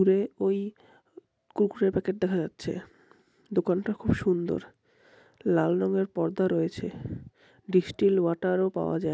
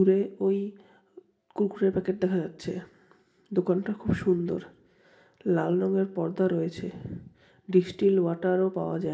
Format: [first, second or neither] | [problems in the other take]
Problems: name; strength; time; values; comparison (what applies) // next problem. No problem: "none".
first | room echo; dies away in 0.6 s